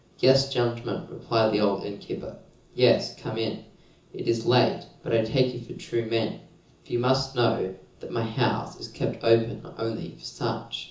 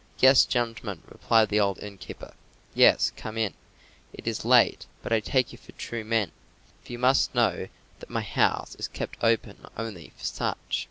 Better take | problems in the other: second | room echo; dies away in 0.6 s

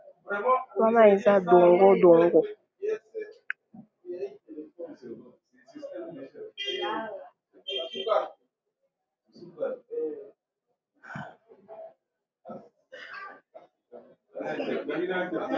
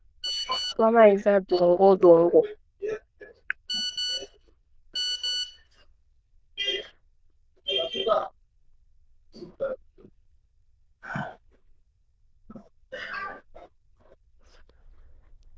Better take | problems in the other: first | noise reduction (neural diffusion model UNIVERSE++)

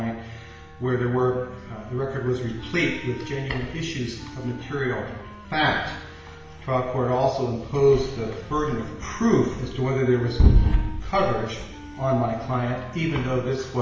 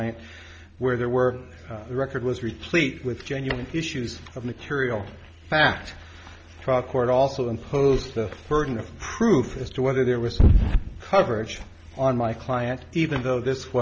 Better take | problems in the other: second | background sound (Wind instrument, woodwind instrument); 20 dB below the speech // room echo; dies away in 1 s

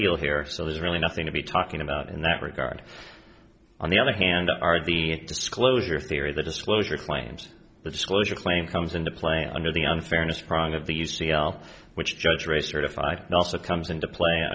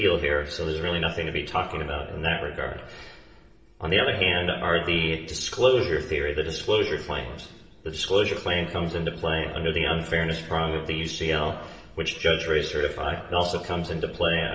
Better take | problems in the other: first | room echo; dies away in 1.1 s

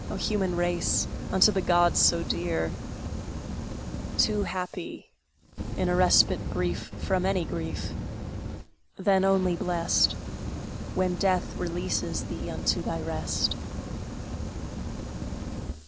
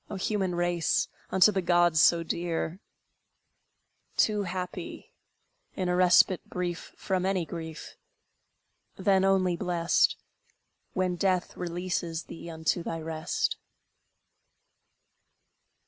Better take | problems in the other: second | background sound (Fire); 4 dB below the speech

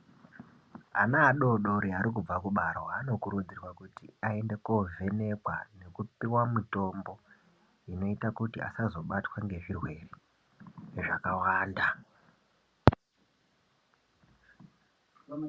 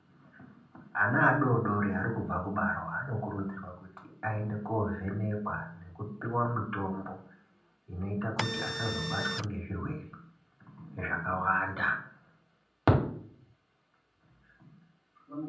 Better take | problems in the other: first | background sound (Printer); 2 dB below the speech // room echo; dies away in 0.6 s

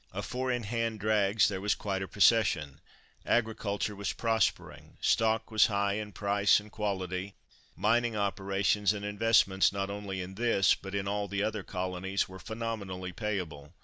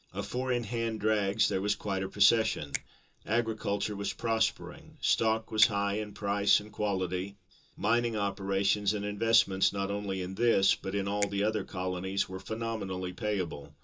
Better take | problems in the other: first | background sound (Finger snapping); 16 dB below the speech // room echo; dies away in 0.2 s

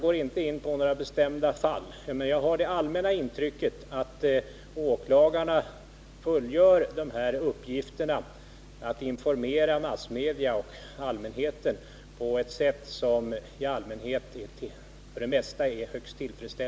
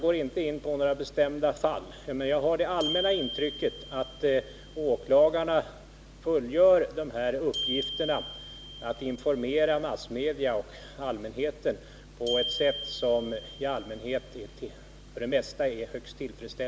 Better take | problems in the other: first | background sound (Glockenspiel); 13 dB below the speech

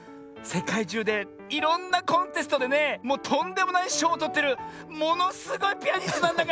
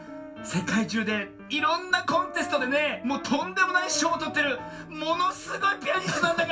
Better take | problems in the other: first | background sound (Brass instrument); 17 dB below the speech // room echo; dies away in 0.2 s

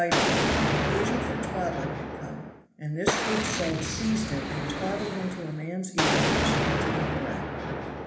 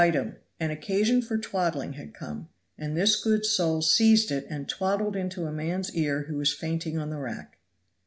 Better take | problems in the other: second | background sound (Explosion); 4 dB above the speech // room echo; dies away in 1 s

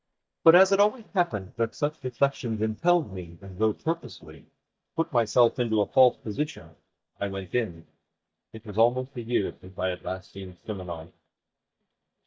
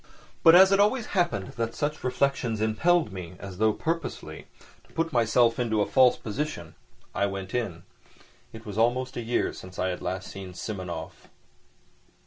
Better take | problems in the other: second | noise reduction (neural mask model DeepFilterNet 3)

